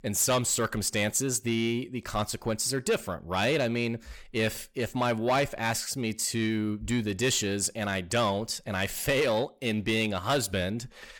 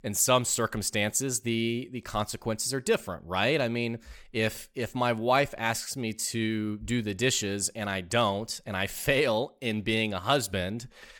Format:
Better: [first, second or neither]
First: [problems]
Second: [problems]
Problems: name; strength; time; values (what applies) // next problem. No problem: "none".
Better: second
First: distortion; slight; 10 dB below the speech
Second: none